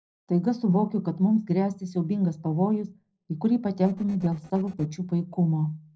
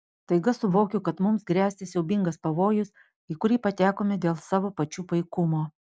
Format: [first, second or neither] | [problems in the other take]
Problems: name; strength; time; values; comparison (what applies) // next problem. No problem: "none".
second | noise reduction (neural separator model SepFormer DNS4)